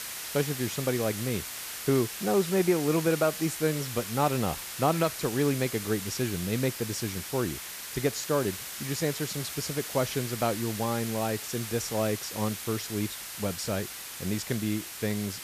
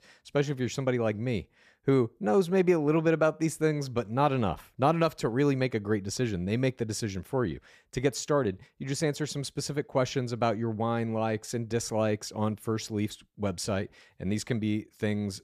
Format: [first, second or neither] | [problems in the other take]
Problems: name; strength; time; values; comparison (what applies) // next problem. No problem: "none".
second | hiss; loud; throughout; 6 dB below the speech